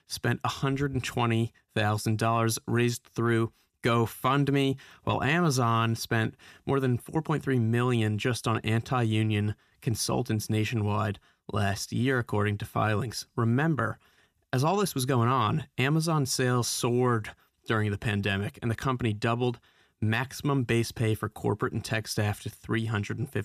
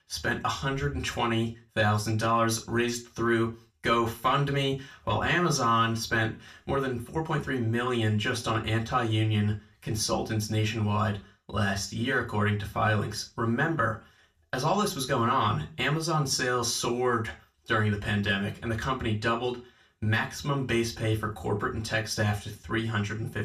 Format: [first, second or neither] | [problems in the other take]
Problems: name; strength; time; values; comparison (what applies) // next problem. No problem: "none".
first | room echo; very slight; dies away in 0.3 s // off-mic speech; far